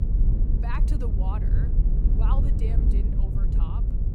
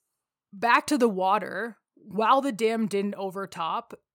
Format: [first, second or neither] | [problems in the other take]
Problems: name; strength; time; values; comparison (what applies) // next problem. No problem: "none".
second | low rumble; loud; throughout; as loud as the speech